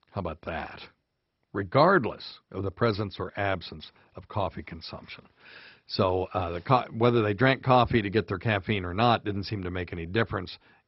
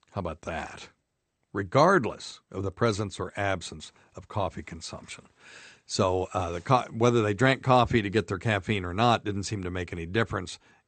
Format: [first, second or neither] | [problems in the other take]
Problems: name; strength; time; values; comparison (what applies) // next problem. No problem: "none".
second | garbled, watery; badly; nothing above 5.5 kHz; slightly in the second